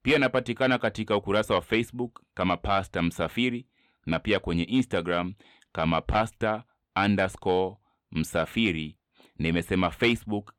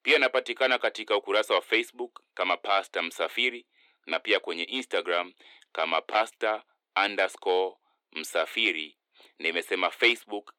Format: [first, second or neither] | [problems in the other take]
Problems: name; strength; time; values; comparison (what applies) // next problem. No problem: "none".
first | thin; very; fading below 350 Hz